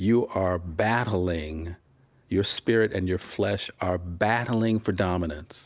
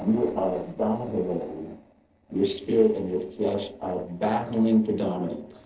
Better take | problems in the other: first | noise reduction (neural separator model SepFormer DNS4)

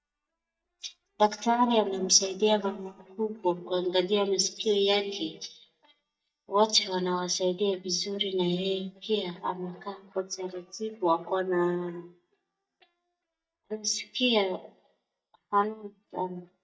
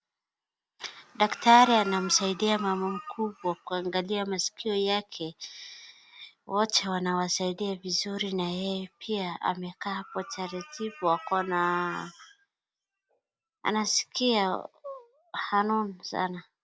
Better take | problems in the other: second | noise reduction (neural mask model DeepFilterNet 3)

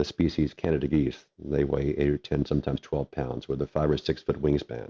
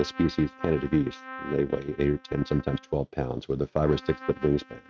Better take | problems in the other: first | noise reduction (neural mask model RNNoise)

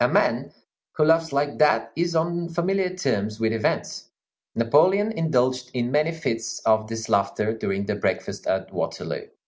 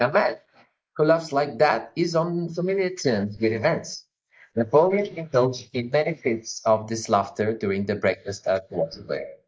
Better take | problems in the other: first | noise reduction (neural mask model Resemble Enhance denoiser)

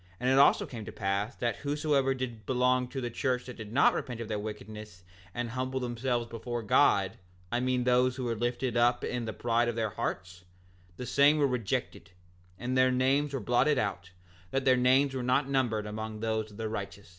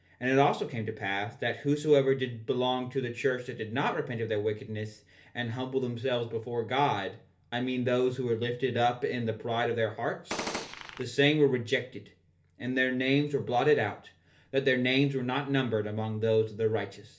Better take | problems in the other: first | background sound (Gunshot, gunfire); 7 dB below the speech // room echo; dies away in 0.3 s

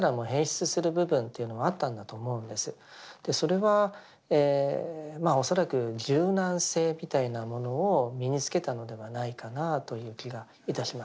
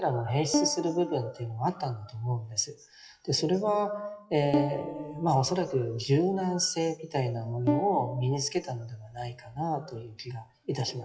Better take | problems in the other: first | noise reduction (classical method WPE with log-MMSE)

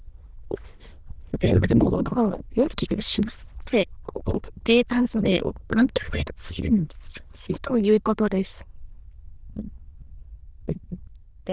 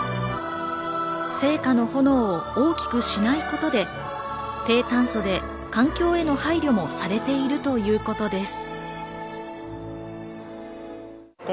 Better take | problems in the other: second | noise reduction (neural diffusion model UNIVERSE++)

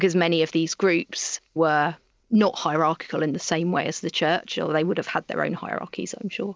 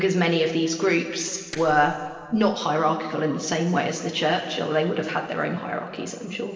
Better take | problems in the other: first | noise reduction (neural separator model SepFormer DNS4)

